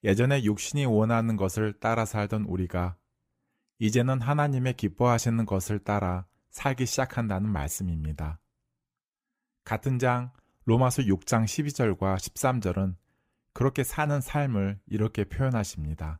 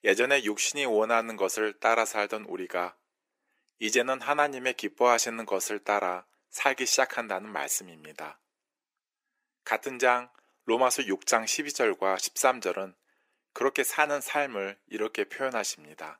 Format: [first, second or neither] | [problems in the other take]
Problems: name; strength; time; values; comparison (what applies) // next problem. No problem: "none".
first | thin; very; fading below 350 Hz